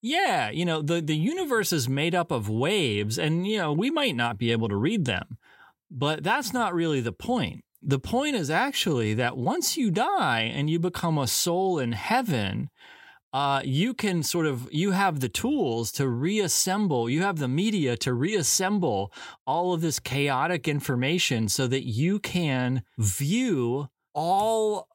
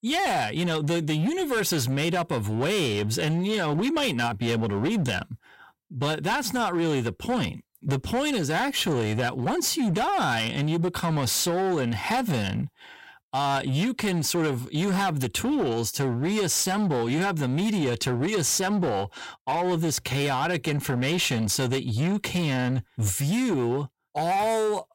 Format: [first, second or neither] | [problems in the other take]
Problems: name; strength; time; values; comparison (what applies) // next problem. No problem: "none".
first | distortion; slight; 20% of the sound clipped